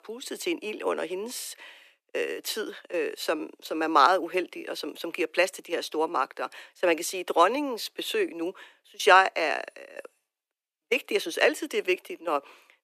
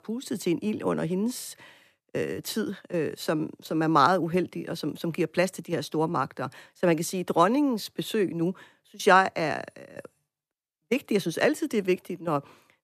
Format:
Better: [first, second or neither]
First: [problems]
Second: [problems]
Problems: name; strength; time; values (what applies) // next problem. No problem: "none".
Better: second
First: thin; somewhat; fading below 350 Hz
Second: none